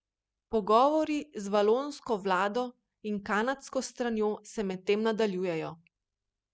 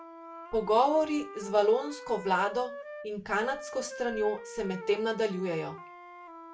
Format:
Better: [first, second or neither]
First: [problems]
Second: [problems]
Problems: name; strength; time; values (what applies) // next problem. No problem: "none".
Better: first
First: none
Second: background sound (Wind instrument, woodwind instrument); 13 dB below the speech // room echo; dies away in 0.2 s